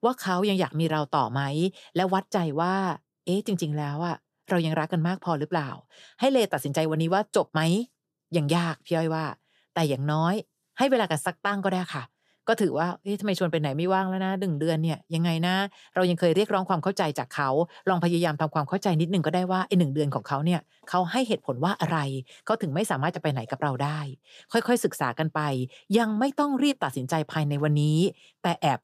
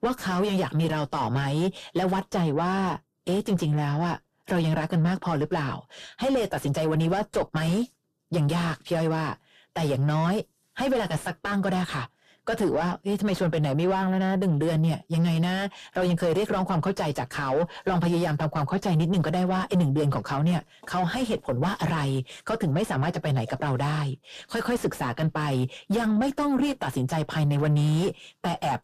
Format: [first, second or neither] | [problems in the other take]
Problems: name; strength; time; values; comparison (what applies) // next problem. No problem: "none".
first | distortion; heavy; 5 dB below the speech